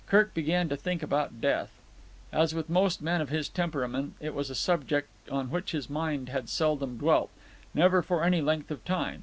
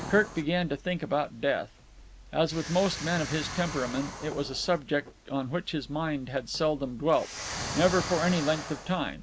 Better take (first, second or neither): first